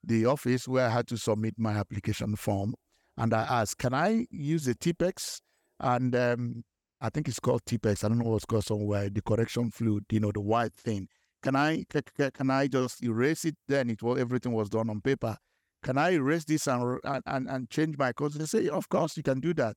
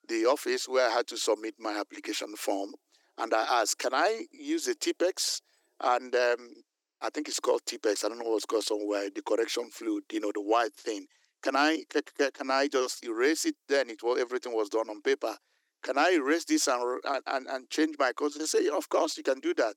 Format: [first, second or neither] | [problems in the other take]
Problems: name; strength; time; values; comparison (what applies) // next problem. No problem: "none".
first | thin; somewhat; fading below 300 Hz